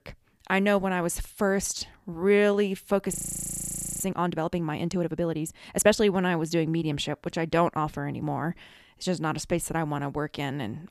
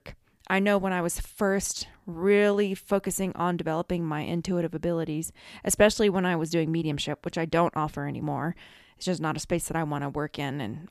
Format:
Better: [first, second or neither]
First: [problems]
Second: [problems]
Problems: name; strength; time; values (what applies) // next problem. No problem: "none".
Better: second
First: audio freezing; at 3 s for 1 s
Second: none